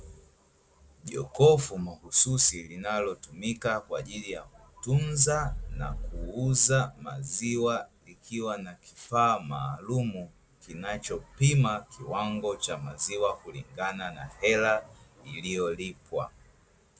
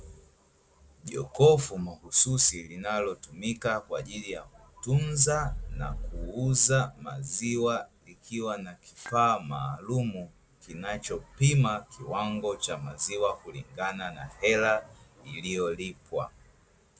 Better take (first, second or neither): first